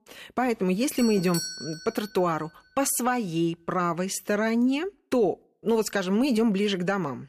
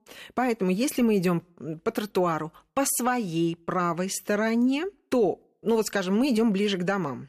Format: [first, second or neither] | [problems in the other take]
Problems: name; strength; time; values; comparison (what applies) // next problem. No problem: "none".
second | doorbell; noticeable; from 1 to 2 s; peak 5 dB below the speech